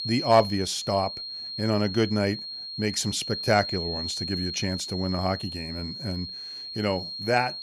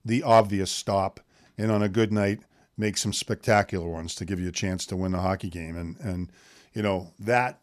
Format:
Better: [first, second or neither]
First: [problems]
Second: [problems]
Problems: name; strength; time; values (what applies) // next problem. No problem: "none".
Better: second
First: high-pitched whine; loud; throughout; 4 kHz, 6 dB below the speech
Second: none